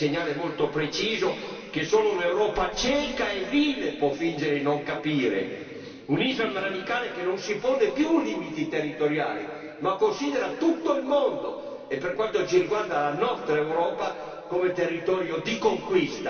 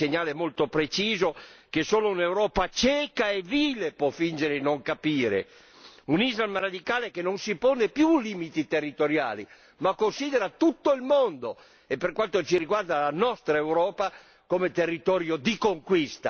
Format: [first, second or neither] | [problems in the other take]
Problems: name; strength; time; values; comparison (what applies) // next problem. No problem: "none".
second | room echo; dies away in 2.5 s